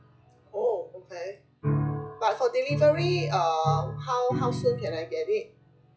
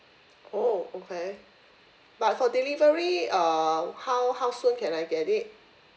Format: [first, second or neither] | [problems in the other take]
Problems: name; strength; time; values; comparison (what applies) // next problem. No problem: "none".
second | noise reduction (classical method log-MMSE)